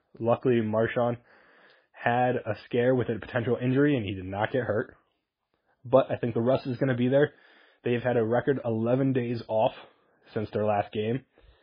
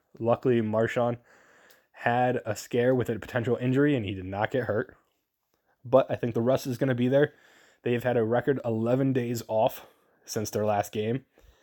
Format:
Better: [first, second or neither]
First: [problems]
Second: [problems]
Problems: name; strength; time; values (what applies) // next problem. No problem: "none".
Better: second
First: garbled, watery; badly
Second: none